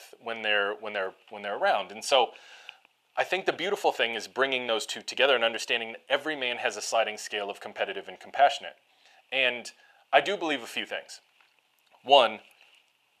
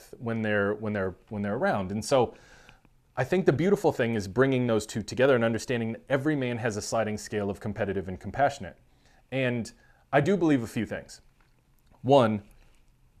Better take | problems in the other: second | thin; very; fading below 600 Hz

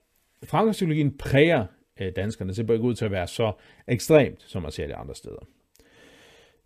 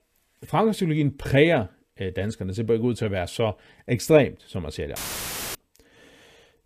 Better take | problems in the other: first | audio cutting out; filled with static; at 5 s for 0.5 s

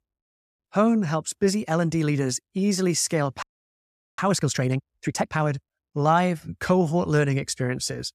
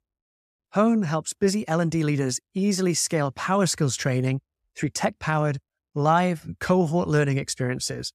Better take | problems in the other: second | audio freezing; at 3.5 s for 0.5 s

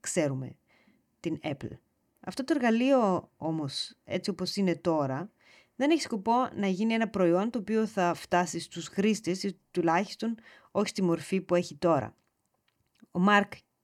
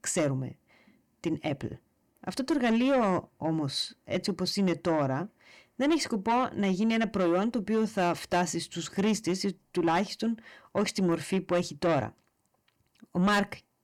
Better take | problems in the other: first | distortion; slight; 10 dB below the speech

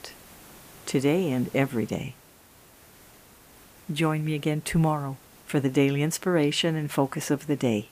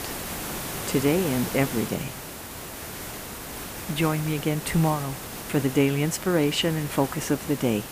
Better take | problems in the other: first | hiss; loud; throughout; 8 dB below the speech; faint in the first

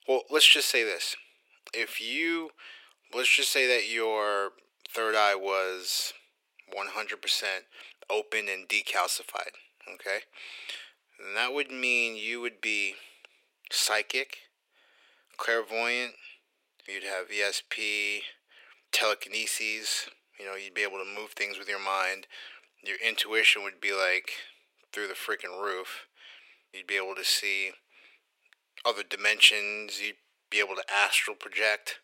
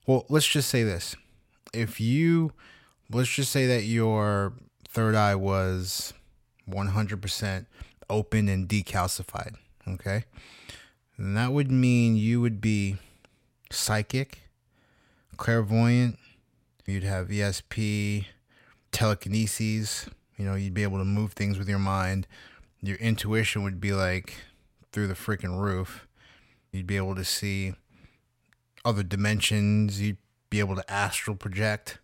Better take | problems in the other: second | thin; very; fading below 350 Hz

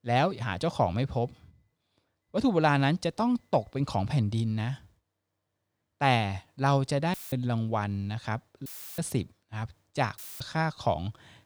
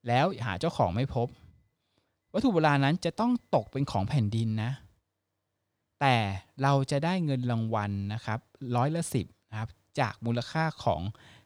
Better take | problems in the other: second | audio cutting out; filled with static; at 7 s, at 8.5 s and at 10 s

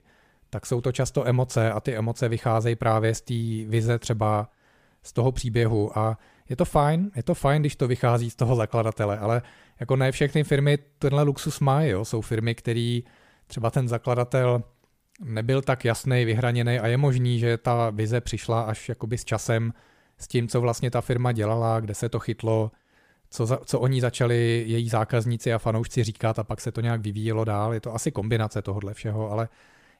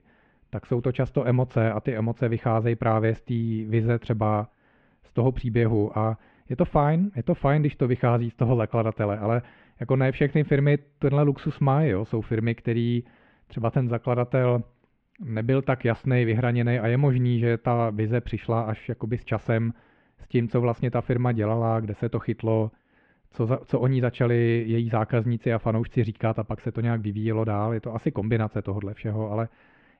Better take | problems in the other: first | muffled; very; fading above 2.5 kHz

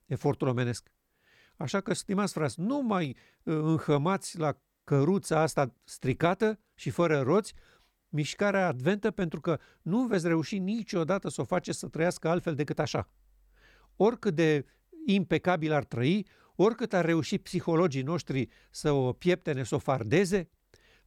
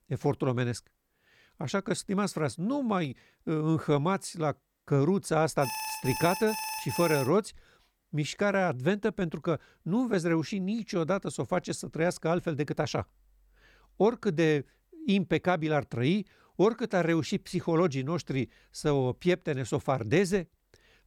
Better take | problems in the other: first | alarm; noticeable; from 5.5 to 7.5 s; peak 5 dB below the speech

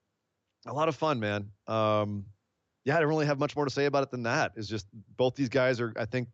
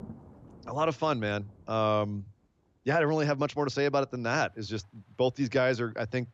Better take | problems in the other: first | rain or running water; faint; throughout; 25 dB below the speech

